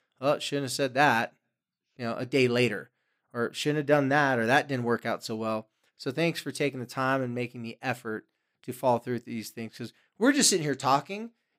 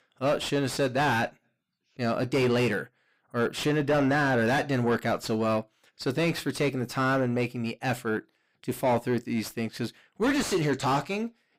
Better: first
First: none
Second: distortion; heavy; 5 dB below the speech

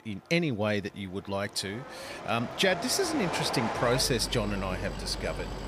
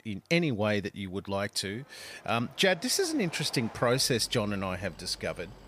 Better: second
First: train or aircraft noise; loud; throughout; 7 dB below the speech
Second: train or aircraft noise; faint; throughout; 20 dB below the speech

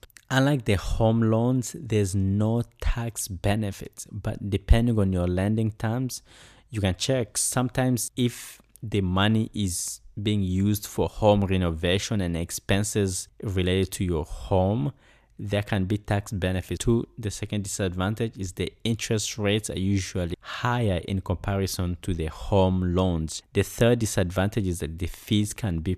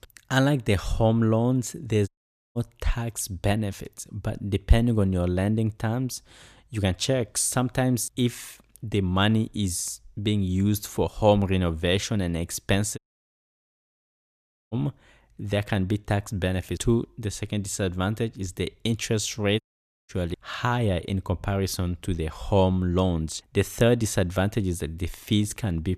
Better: first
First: none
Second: audio cutting out; at 2 s, at 13 s for 1.5 s and at 20 s

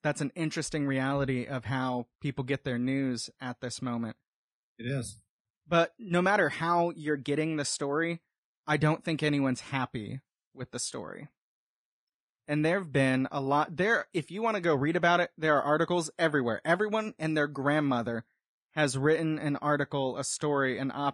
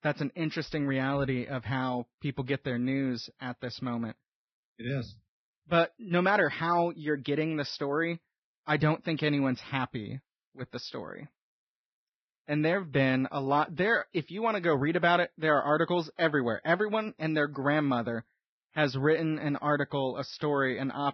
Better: first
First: garbled, watery; slightly; nothing above 10 kHz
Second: garbled, watery; badly; nothing above 5.5 kHz

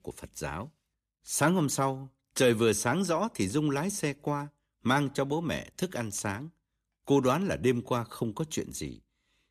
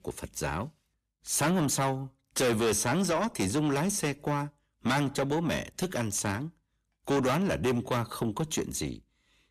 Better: first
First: none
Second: distortion; heavy; 7 dB below the speech

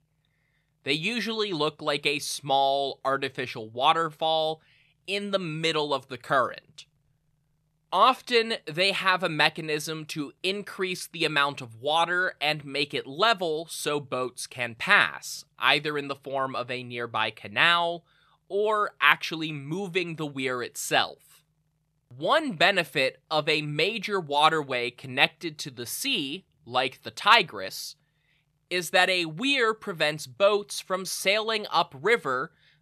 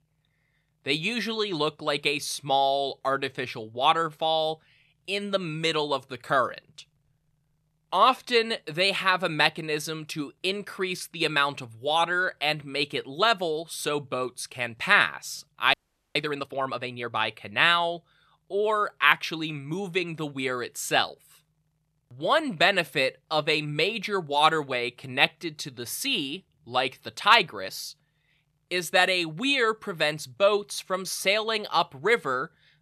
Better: first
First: none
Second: audio freezing; at 16 s

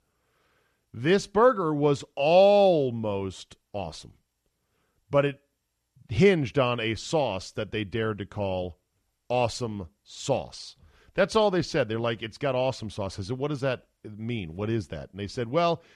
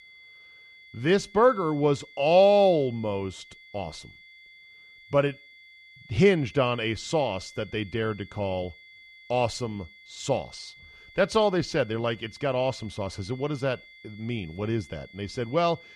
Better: first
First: none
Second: high-pitched whine; faint; throughout; 2 kHz, 25 dB below the speech

